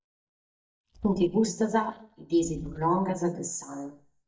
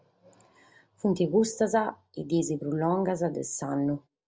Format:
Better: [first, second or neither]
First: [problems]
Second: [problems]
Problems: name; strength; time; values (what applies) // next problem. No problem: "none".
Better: second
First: noise reduction (neural mask model DeepFilterNet 3)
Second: none